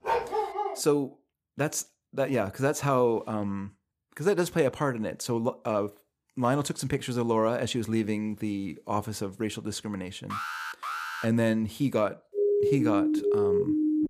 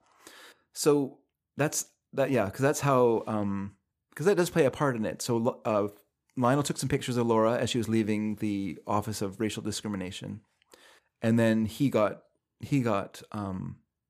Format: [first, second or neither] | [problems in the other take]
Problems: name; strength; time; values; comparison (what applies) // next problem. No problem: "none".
second | dog barking; loud; at the start; peak 1 dB above the speech // alarm; noticeable; at 10 s; peak 4 dB below the speech // siren; loud; from 12 s on; peak 4 dB above the speech